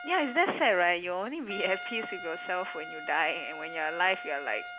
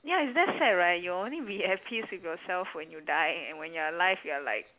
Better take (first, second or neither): second